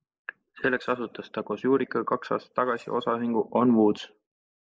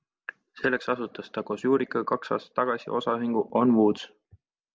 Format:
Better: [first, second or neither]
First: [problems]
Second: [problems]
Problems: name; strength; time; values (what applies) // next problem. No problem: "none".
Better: second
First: noise reduction (neural mask model Resemble Enhance denoiser)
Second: none